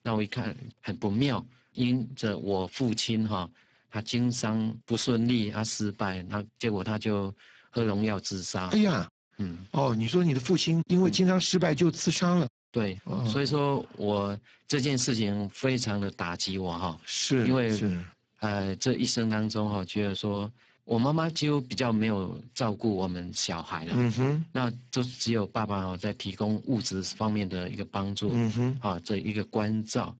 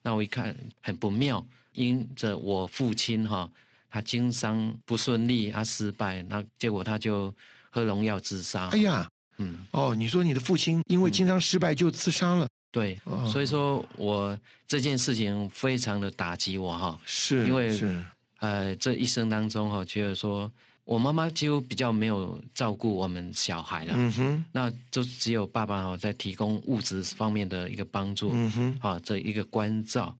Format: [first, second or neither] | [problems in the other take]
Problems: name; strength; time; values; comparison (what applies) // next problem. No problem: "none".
second | garbled, watery; badly; nothing above 7.5 kHz; slightly in the second